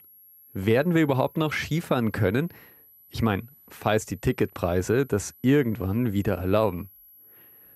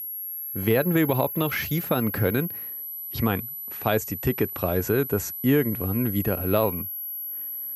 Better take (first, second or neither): first